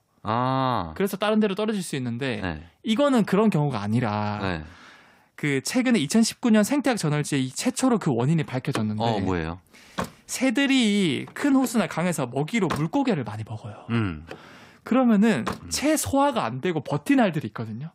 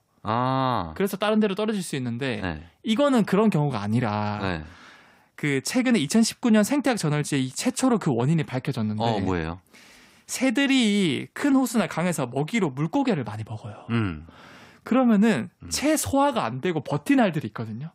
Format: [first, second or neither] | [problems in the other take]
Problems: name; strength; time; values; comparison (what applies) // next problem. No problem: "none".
second | door banging; noticeable; from 8.5 to 16 s; peak 9 dB below the speech